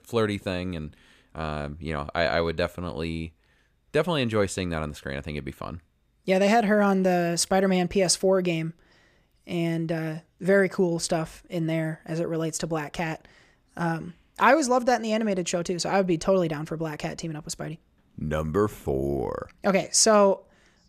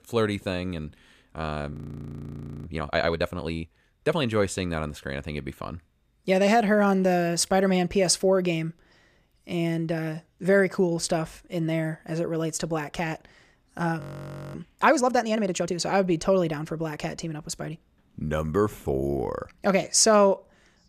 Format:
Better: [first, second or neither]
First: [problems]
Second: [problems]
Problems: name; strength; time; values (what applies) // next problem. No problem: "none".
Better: first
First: none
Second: audio freezing; at 1.5 s for 1 s and at 14 s for 0.5 s